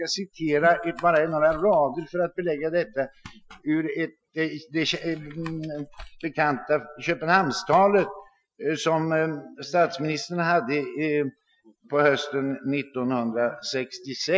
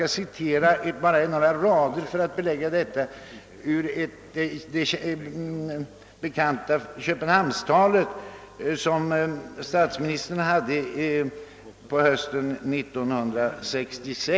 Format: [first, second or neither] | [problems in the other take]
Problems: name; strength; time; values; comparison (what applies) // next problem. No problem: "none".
second | noise reduction (classical method Wiener filter)